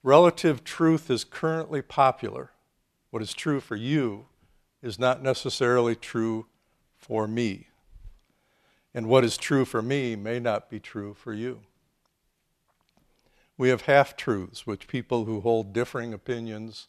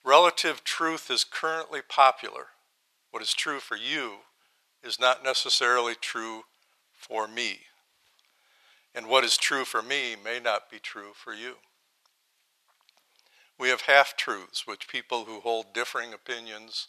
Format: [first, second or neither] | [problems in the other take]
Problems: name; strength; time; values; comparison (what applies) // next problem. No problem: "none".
first | thin; very; fading below 900 Hz